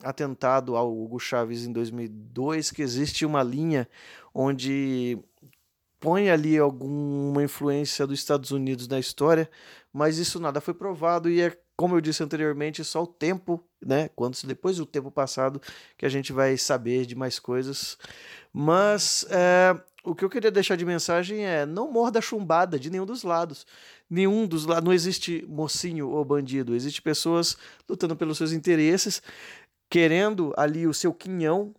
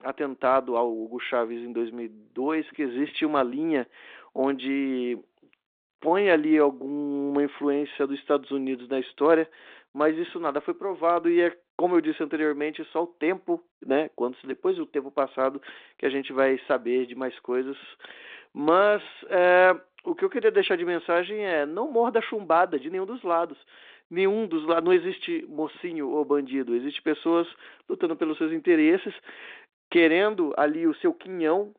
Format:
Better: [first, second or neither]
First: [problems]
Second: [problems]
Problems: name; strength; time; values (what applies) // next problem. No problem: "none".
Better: first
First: none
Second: phone-call audio; nothing above 3.5 kHz